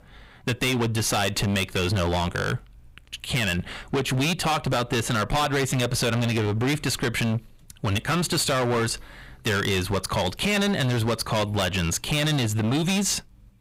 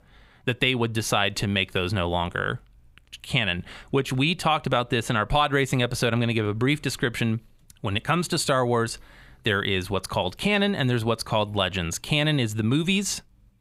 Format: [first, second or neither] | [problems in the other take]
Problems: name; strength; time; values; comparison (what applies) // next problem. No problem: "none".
second | distortion; heavy; 23% of the sound clipped